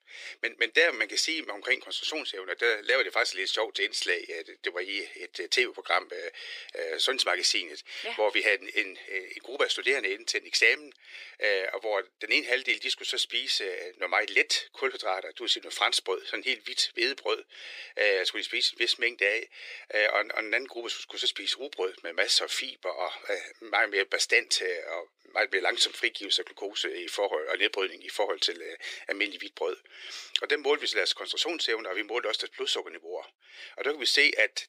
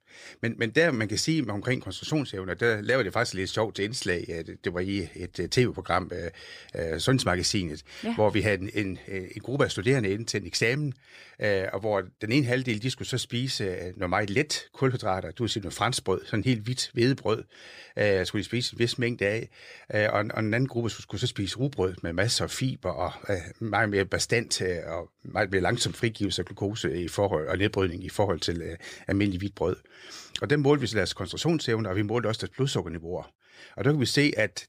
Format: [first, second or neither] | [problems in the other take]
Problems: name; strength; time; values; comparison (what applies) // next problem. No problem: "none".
second | thin; very; fading below 350 Hz